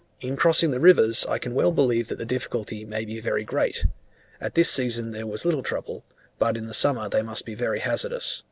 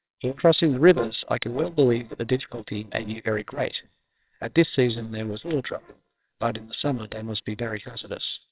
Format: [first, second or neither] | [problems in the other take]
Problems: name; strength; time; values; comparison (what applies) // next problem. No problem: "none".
first | noise reduction (neural separator model SepFormer WHAMR!)